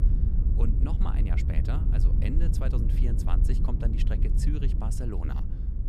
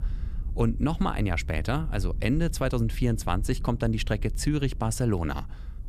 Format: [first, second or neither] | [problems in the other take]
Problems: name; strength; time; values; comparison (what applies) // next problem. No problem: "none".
second | low rumble; loud; throughout; 2 dB below the speech; faint in the second